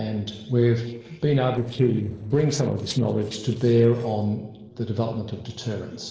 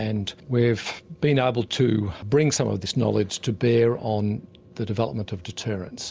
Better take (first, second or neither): second